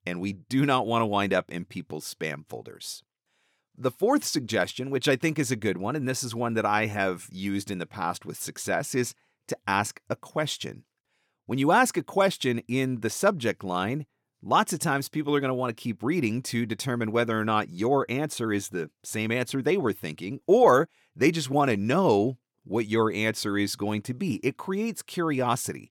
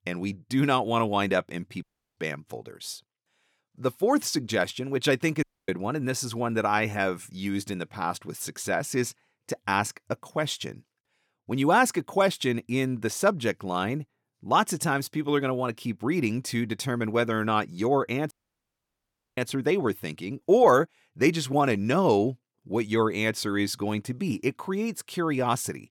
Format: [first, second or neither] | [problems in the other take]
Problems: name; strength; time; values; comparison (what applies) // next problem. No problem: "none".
first | audio cutting out; at 2 s, at 5.5 s and at 18 s for 1 s